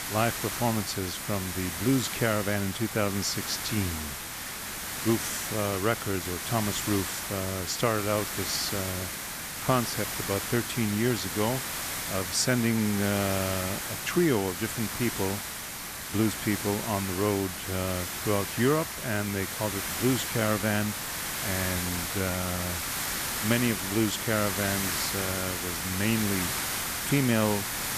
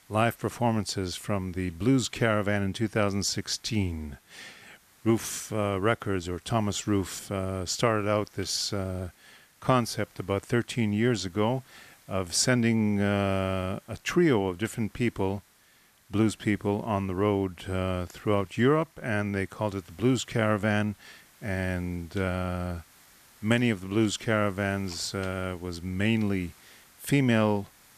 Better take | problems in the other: second | hiss; loud; throughout; 2 dB below the speech; faint in the second

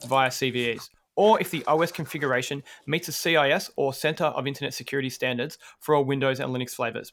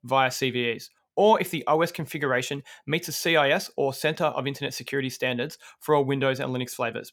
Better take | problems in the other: second | household noises; faint; throughout; 25 dB below the speech

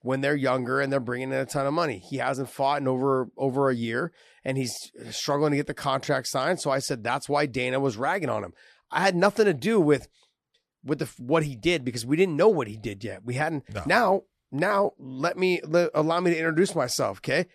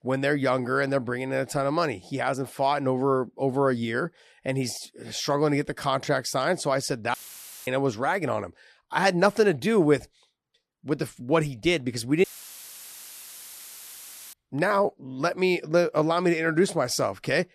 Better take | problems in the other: first | audio cutting out; filled with static; at 7 s for 0.5 s and at 12 s for 2 s

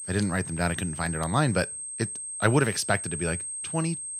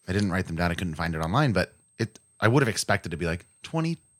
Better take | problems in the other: second | high-pitched whine; loud; throughout; 8.5 kHz, 6 dB below the speech; faint in the second

